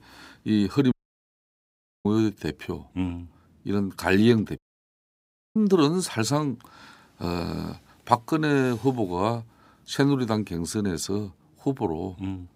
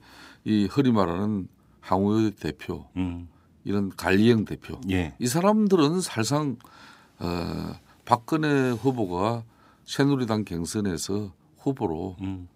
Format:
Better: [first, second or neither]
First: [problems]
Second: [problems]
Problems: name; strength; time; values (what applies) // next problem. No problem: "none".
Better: second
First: audio cutting out; at 1 s for 1 s and at 4.5 s for 1 s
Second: none